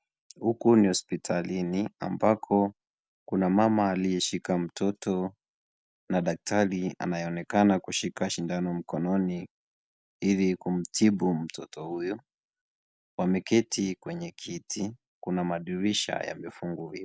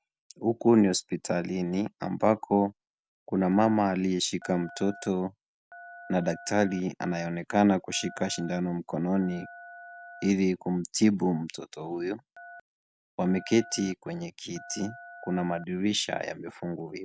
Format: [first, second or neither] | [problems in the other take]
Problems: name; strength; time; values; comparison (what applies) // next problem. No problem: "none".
first | background sound (Telephone); 20 dB below the speech